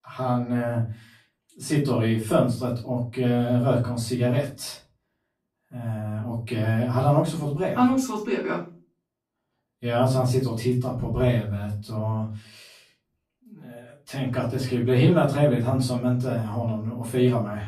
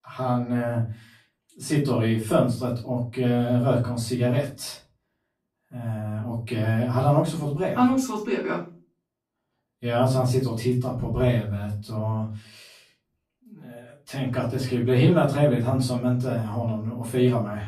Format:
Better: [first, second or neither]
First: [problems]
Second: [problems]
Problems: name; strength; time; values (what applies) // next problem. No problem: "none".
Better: neither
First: room echo; slight; dies away in 0.3 s // off-mic speech; far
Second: room echo; slight; dies away in 0.3 s // off-mic speech; far